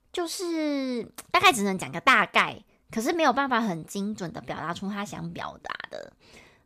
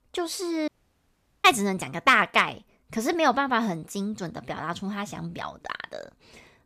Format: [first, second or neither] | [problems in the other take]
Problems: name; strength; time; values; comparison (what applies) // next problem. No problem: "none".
first | audio cutting out; at 0.5 s for 1 s